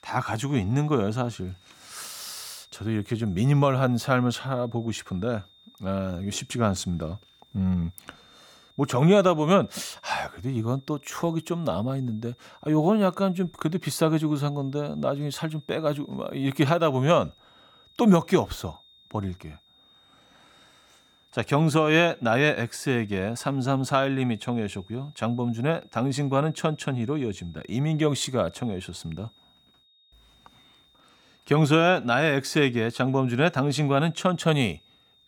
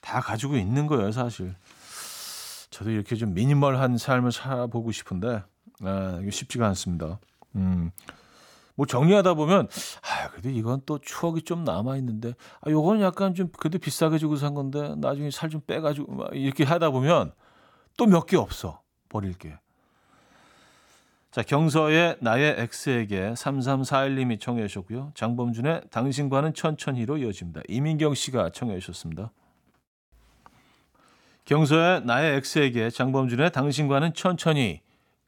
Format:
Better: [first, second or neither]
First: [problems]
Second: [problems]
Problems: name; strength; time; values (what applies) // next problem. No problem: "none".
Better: second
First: high-pitched whine; faint; throughout; 3.5 kHz, 30 dB below the speech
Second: none